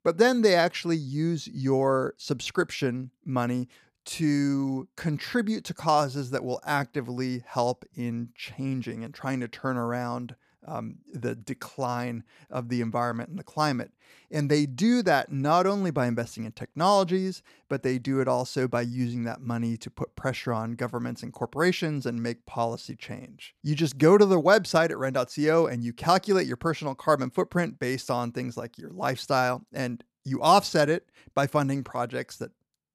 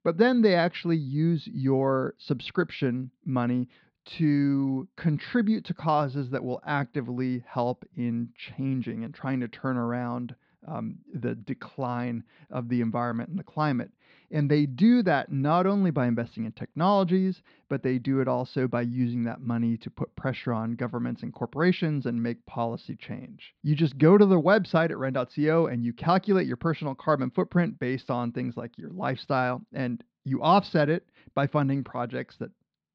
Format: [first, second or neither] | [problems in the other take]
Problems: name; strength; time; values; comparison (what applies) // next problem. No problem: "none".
first | muffled; very slightly; fading above 4 kHz